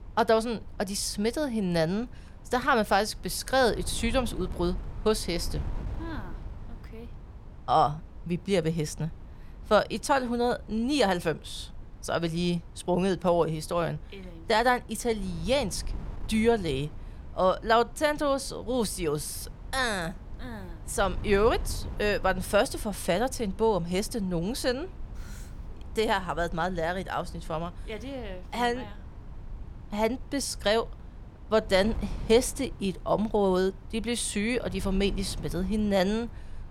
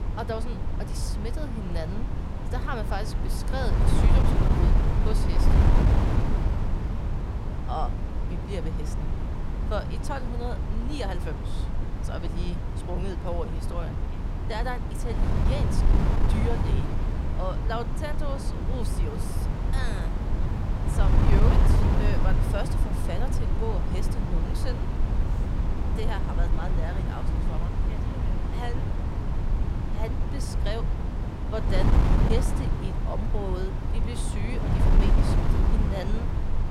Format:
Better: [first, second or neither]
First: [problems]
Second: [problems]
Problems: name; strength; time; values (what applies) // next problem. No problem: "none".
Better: first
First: wind noise on the microphone; occasional gusts; 25 dB below the speech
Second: wind noise on the microphone; heavy; as loud as the speech